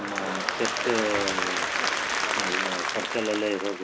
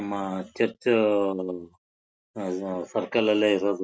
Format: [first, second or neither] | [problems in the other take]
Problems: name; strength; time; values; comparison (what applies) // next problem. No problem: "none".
second | background sound (Applause / Crowd); 3 dB above the speech